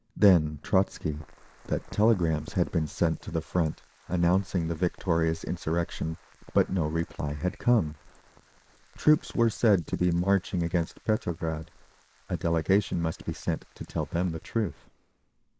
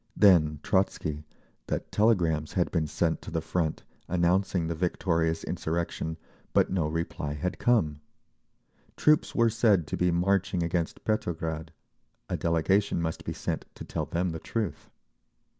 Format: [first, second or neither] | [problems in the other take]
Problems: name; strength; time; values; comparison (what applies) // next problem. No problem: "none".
second | noise reduction (neural mask model Resemble Enhance denoiser)